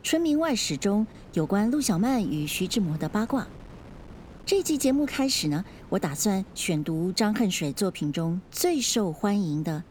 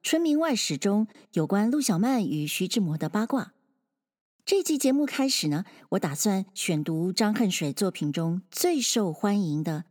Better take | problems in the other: second | wind noise on the microphone; occasional gusts; 25 dB below the speech

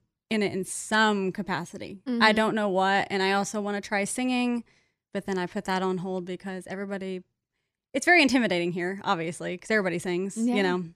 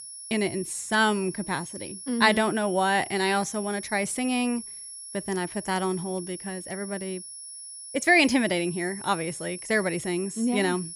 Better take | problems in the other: first | high-pitched whine; noticeable; throughout; 10.5 kHz, 10 dB below the speech

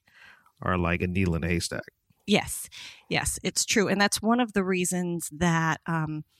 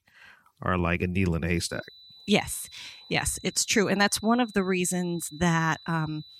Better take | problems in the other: first | high-pitched whine; faint; from 1.5 s on; 4 kHz, 20 dB below the speech

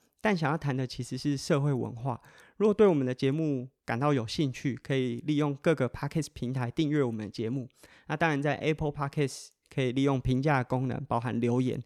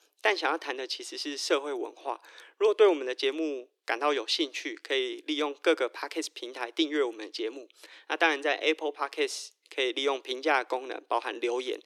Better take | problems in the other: first | thin; very; fading below 300 Hz

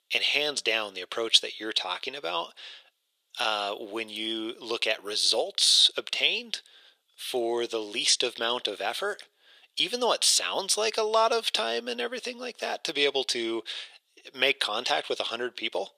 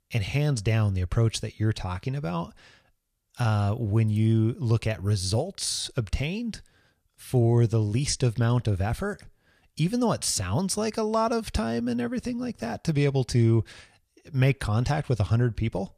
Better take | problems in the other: second | thin; very; fading below 400 Hz

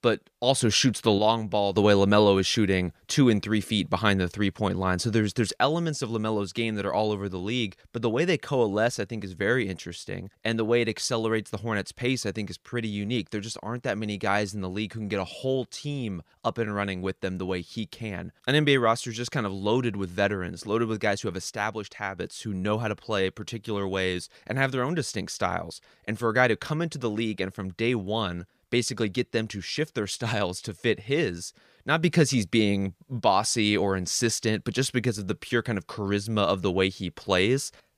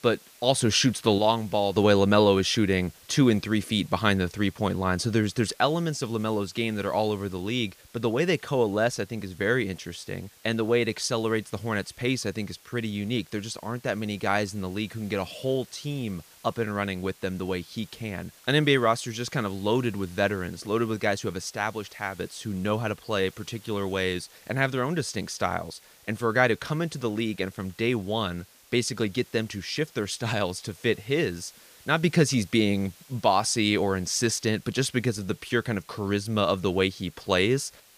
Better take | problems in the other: first | hiss; faint; throughout; 25 dB below the speech

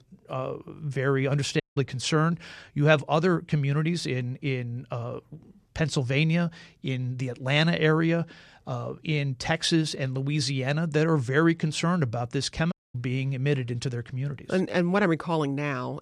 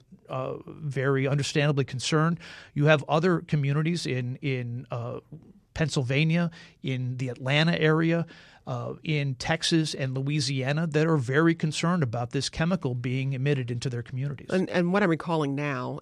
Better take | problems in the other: second | audio cutting out; at 1.5 s and at 13 s

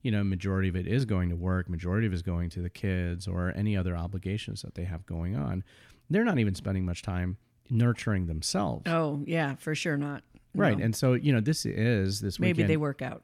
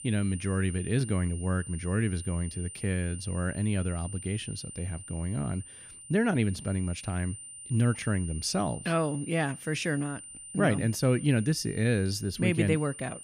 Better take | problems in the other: first | high-pitched whine; noticeable; throughout; 9 kHz, 10 dB below the speech

